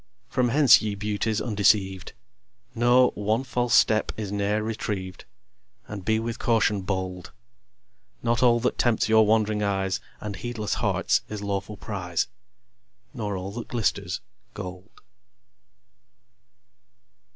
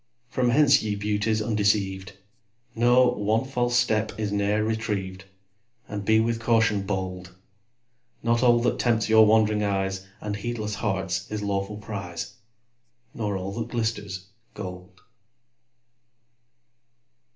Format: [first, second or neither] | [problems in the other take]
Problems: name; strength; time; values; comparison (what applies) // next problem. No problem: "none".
first | room echo; dies away in 0.3 s